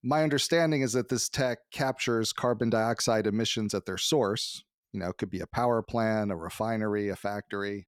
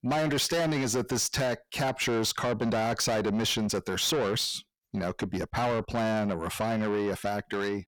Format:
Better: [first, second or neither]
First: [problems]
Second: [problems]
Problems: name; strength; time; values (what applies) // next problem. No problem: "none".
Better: first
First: none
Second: distortion; heavy; 7 dB below the speech